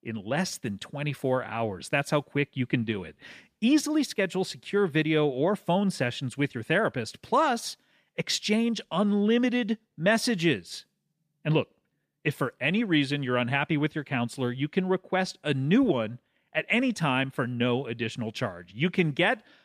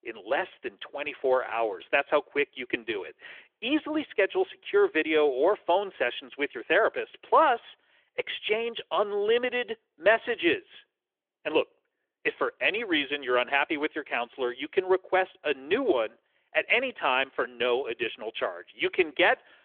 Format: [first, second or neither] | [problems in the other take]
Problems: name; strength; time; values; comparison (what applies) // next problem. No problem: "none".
first | phone-call audio; nothing above 3.5 kHz